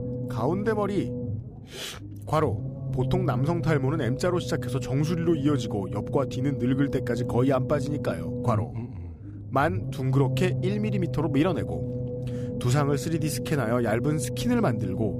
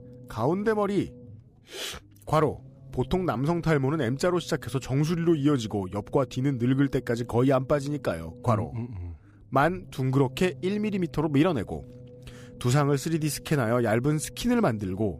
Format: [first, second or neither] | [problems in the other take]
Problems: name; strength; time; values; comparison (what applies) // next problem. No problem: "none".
second | low rumble; loud; throughout; 8 dB below the speech; faint in the second